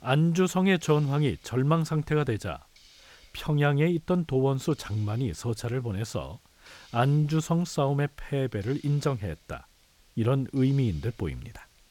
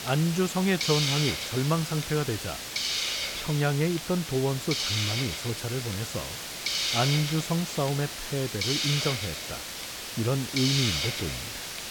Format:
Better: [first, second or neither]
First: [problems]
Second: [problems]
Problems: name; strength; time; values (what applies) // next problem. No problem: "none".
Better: first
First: hiss; faint; throughout; 30 dB below the speech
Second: hiss; loud; throughout; 1 dB below the speech